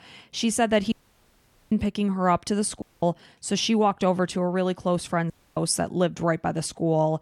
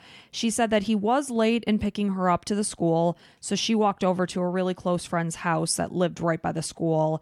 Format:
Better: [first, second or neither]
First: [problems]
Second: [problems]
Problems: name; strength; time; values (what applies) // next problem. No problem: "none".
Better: second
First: audio cutting out; at 1 s for 1 s, at 3 s and at 5.5 s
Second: none